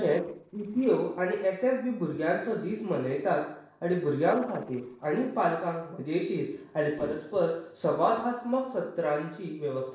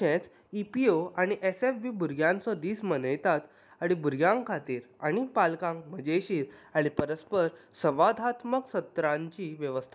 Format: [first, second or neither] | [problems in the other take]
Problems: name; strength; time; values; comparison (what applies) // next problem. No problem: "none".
second | noise reduction (neural separator model SepFormer DNS4)